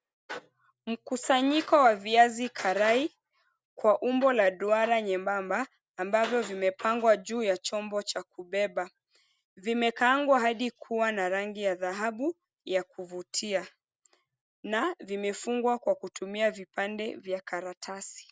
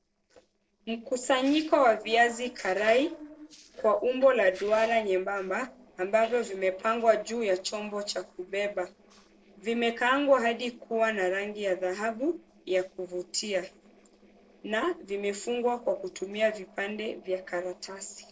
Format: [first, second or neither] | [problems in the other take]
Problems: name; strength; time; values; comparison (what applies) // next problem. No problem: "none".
first | noise reduction (neural separator model SepFormer DNS4)